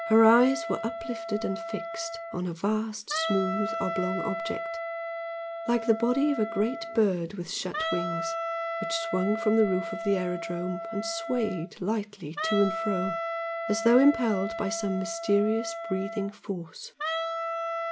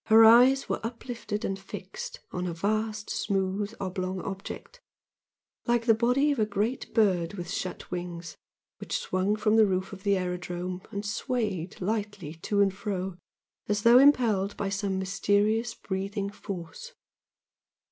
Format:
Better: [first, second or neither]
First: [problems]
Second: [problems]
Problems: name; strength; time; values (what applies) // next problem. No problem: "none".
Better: second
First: background sound (Wind instrument, woodwind instrument); 6 dB below the speech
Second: none